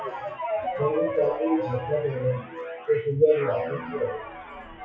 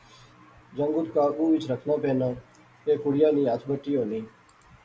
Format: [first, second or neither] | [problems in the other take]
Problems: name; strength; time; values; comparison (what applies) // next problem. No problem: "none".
second | noise reduction (classical method WPE with log-MMSE)